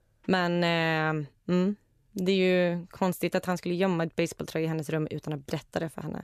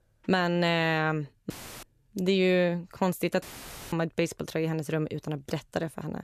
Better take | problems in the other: first | audio cutting out; filled with static; at 1.5 s and at 3.5 s for 0.5 s

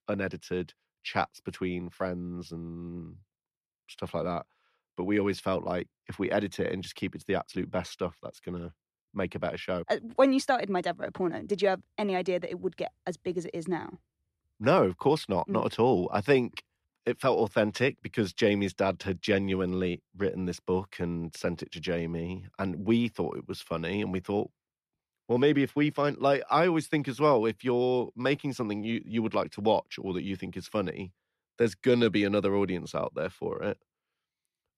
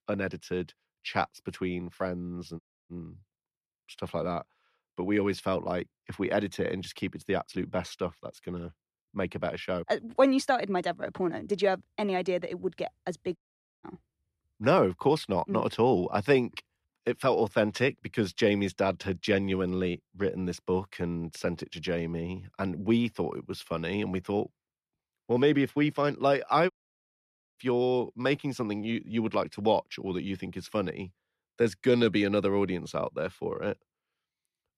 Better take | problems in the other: first | audio cutting out; at 2.5 s, at 13 s and at 27 s for 1 s

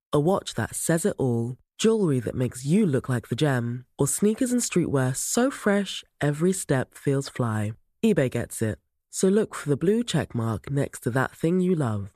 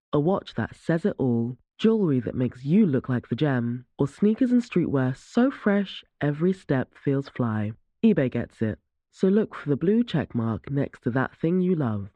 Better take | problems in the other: first | muffled; very; fading above 3.5 kHz

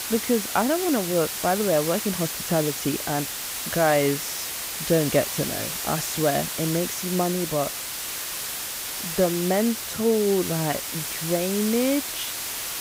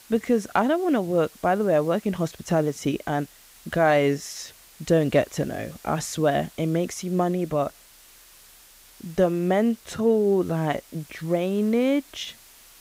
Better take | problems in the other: second | hiss; loud; throughout; 3 dB below the speech; faint in the second

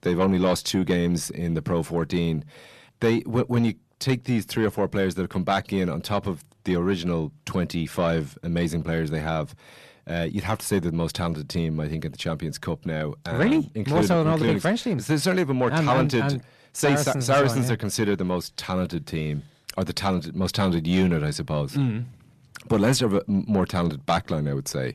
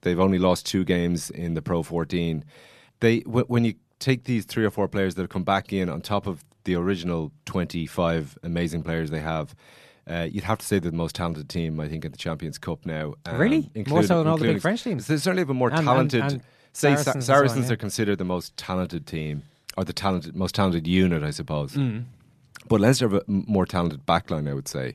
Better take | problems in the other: second | distortion; slight; 10 dB below the speech

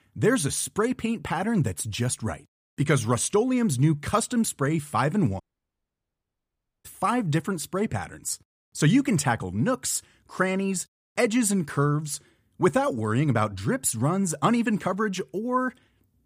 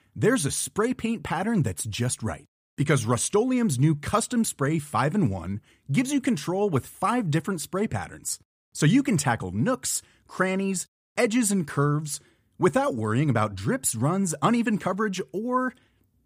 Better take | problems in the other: second | audio cutting out; at 5.5 s for 1.5 s

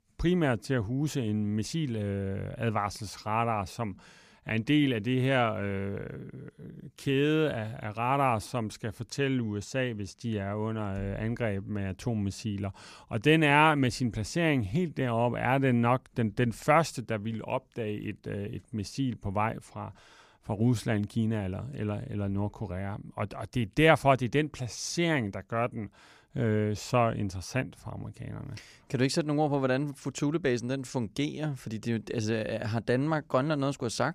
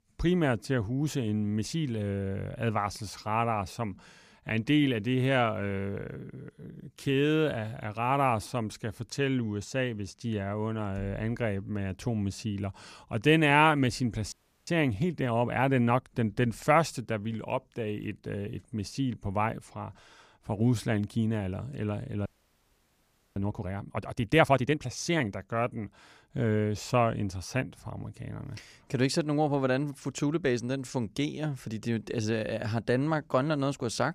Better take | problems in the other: first | audio freezing; at 14 s and at 22 s for 1 s

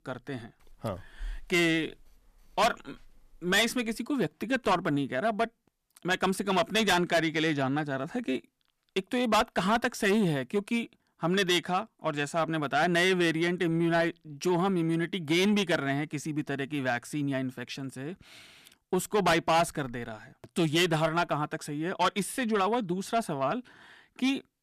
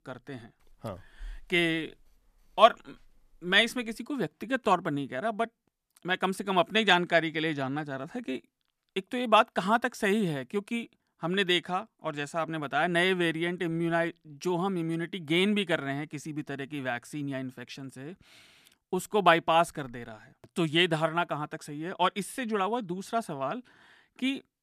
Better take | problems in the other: second | distortion; heavy; 7 dB below the speech

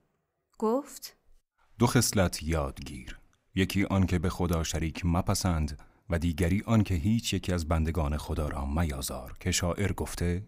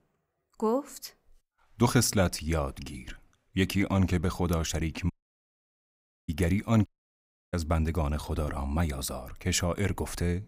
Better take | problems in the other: first | audio cutting out; at 5 s for 1 s and at 7 s for 0.5 s

